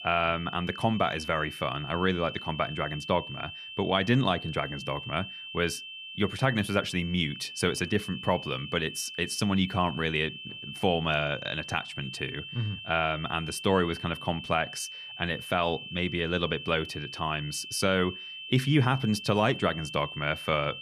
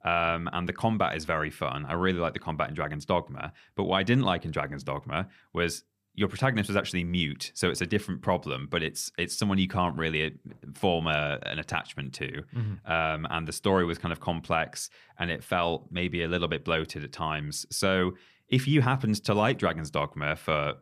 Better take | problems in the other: second | high-pitched whine; loud; throughout; 3 kHz, 10 dB below the speech

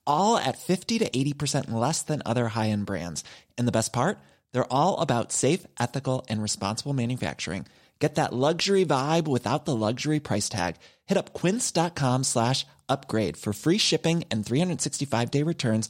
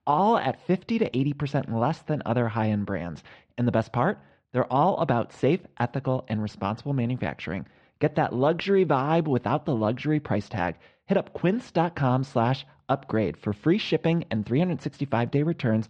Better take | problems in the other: first | muffled; very; fading above 2.5 kHz

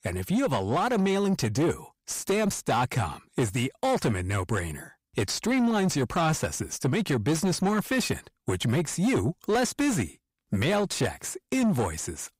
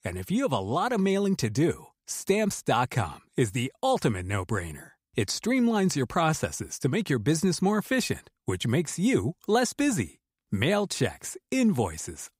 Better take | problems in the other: second | distortion; slight; 10 dB below the speech

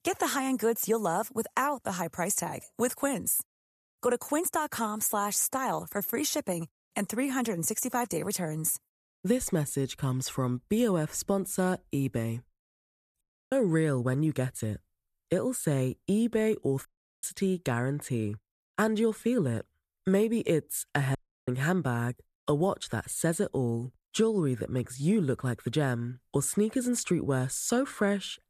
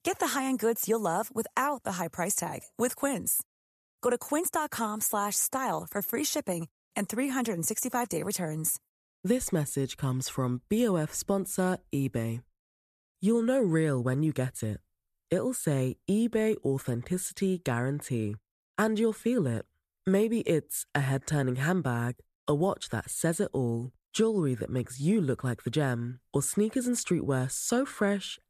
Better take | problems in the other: second | audio cutting out; at 13 s, at 17 s and at 21 s

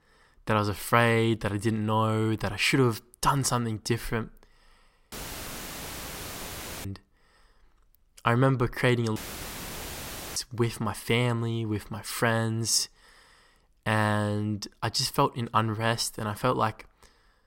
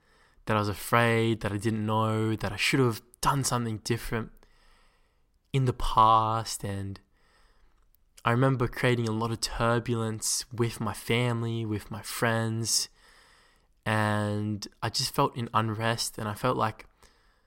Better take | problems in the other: second | audio cutting out; filled with static; at 5 s for 1.5 s and at 9 s for 1 s

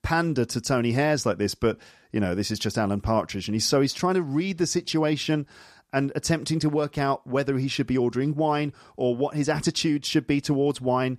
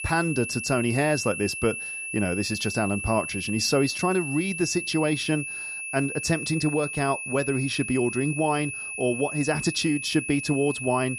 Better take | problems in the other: first | high-pitched whine; loud; throughout; 2.5 kHz, 5 dB below the speech

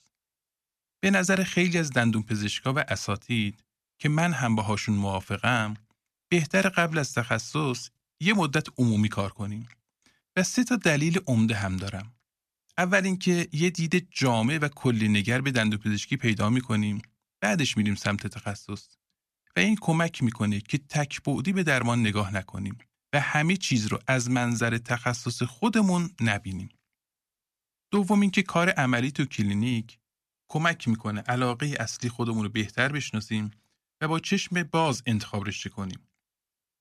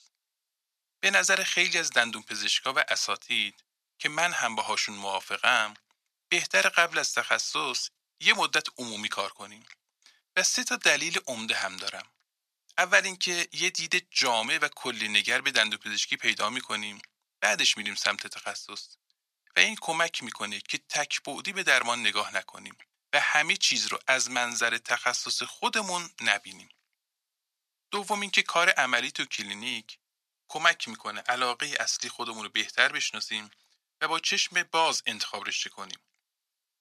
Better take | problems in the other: first | thin; very; fading below 700 Hz

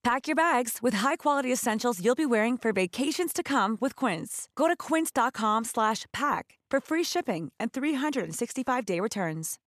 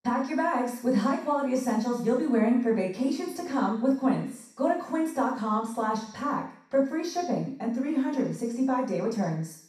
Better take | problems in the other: first | room echo; noticeable; dies away in 0.6 s // off-mic speech; far

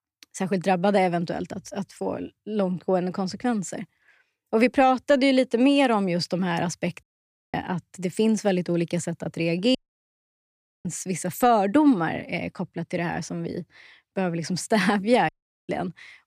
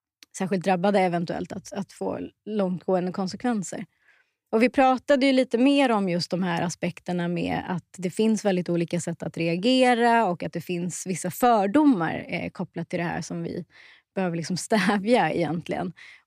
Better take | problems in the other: second | audio cutting out; at 7 s for 0.5 s, at 10 s for 1 s and at 15 s

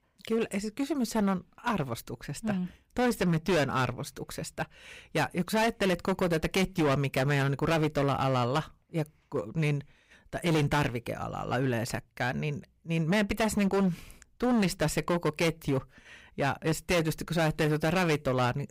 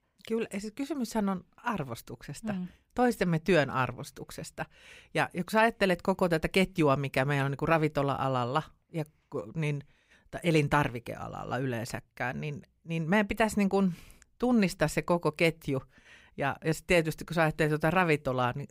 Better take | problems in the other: second | distortion; heavy; 12% of the sound clipped

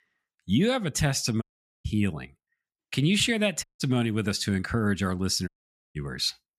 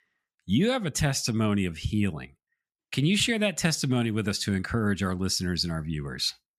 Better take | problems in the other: second | audio cutting out; at 1.5 s, at 3.5 s and at 5.5 s

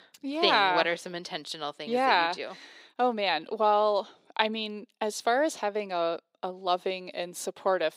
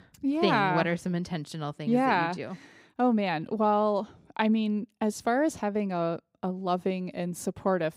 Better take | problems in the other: second | thin; somewhat; fading below 500 Hz

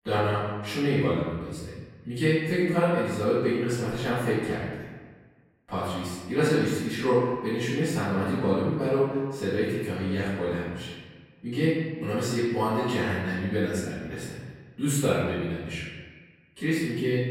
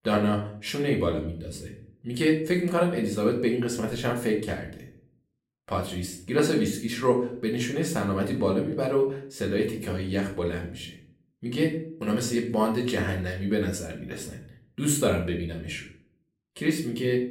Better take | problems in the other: second | room echo; strong; dies away in 1.4 s; slight in the second // off-mic speech; far; somewhat distant in the second

